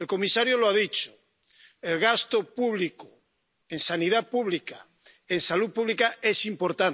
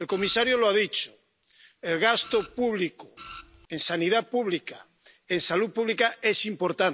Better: first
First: none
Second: background sound (Printer); 18 dB below the speech

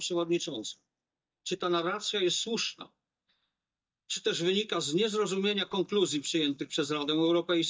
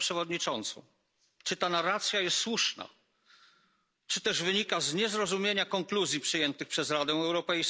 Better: second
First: noise reduction (neural mask model DeepFilterNet 3)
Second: none

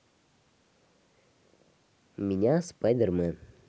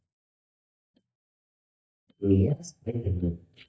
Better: first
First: none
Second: noise reduction (neural mask model DeepFilterNet 3)

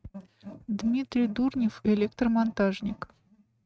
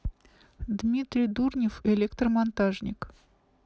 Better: second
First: noise reduction (neural mask model RNNoise)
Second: none

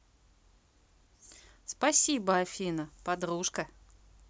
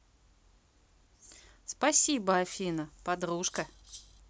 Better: first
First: none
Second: background sound (Rattle (instrument)); 19 dB below the speech

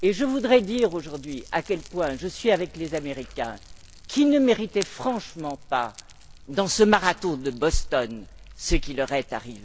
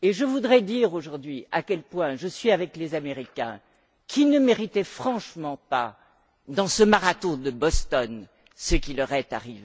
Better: second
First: background sound (Fire); 19 dB below the speech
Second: none

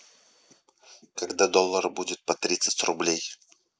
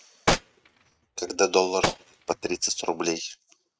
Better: first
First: none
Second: noise reduction (neural mask model RNNoise)

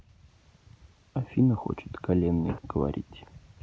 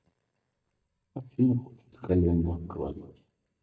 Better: first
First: none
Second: noise reduction (neural mask model DeepFilterNet 3)

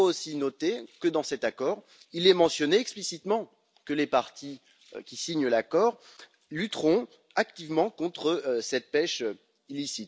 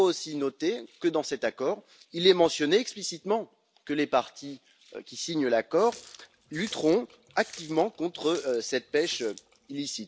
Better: first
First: none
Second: background sound (Water tap, faucet); 20 dB below the speech

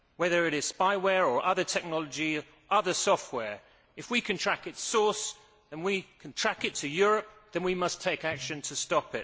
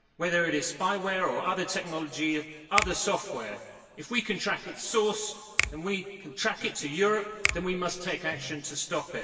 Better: first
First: none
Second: background sound (Finger snapping); 6 dB below the speech // room echo; dies away in 1.9 s

